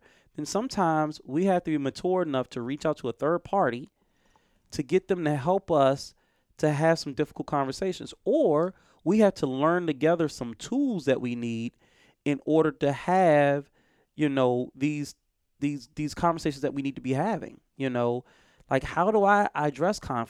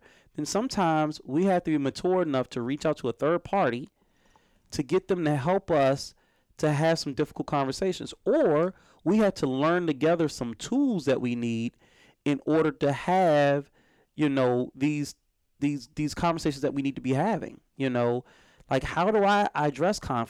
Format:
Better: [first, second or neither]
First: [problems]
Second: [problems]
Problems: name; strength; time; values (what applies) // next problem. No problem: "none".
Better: first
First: none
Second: distortion; slight; 10 dB below the speech